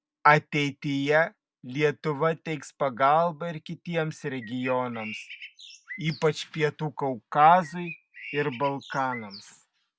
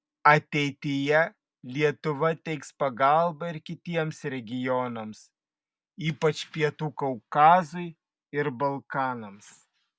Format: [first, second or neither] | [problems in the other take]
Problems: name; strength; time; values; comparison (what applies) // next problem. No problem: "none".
second | background sound (Bird); 16 dB below the speech